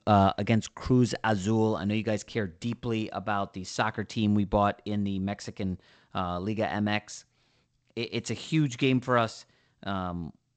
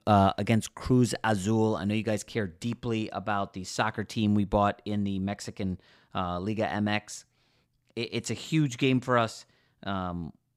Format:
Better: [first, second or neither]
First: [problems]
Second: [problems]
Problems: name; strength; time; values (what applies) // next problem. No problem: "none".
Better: second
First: garbled, watery; slightly; nothing above 8 kHz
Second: none